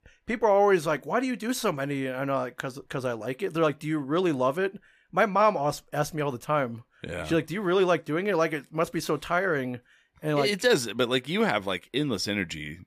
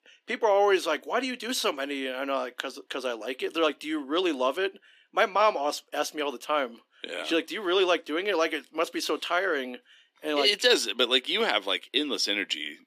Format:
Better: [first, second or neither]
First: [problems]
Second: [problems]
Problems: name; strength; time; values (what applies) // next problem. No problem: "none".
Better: first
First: none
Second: thin; very slightly; fading below 250 Hz